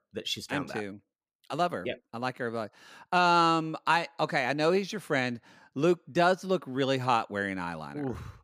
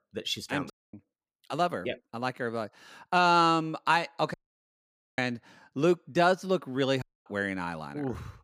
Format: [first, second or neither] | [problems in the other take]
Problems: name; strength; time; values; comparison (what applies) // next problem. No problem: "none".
first | audio cutting out; at 0.5 s, at 4.5 s for 1 s and at 7 s